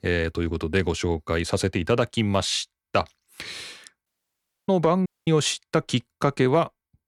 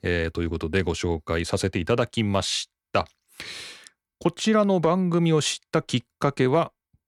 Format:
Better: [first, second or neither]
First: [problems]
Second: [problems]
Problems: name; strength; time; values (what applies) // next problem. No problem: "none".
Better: second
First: audio cutting out; at 4 s for 0.5 s and at 5 s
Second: none